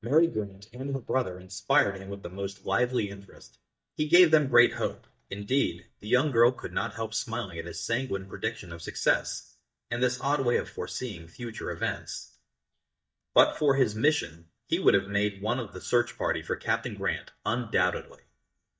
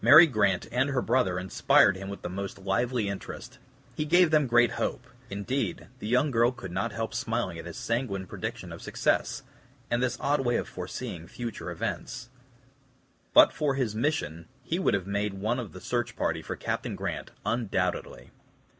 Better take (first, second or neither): second